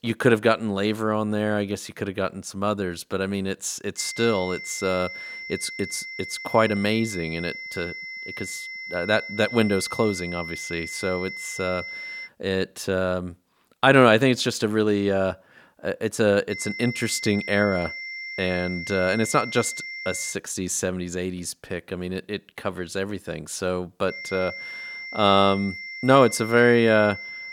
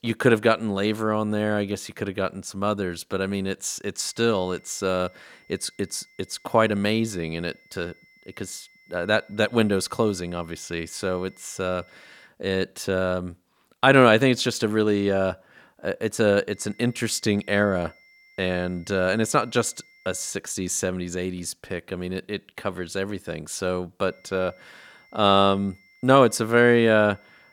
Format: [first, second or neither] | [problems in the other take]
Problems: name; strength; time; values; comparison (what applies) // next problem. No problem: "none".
second | high-pitched whine; loud; from 4 to 12 s, from 17 to 20 s and from 24 s on; 2 kHz, 9 dB below the speech; faint in the second